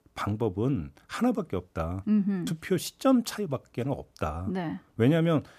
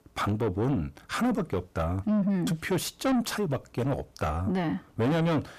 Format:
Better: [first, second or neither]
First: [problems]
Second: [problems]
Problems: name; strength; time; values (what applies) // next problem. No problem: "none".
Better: first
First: none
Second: distortion; heavy; 7 dB below the speech